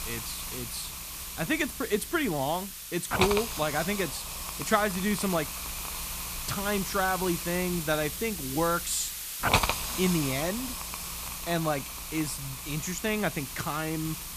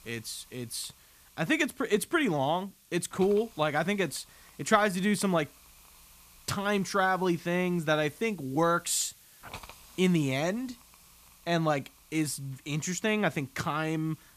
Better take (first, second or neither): second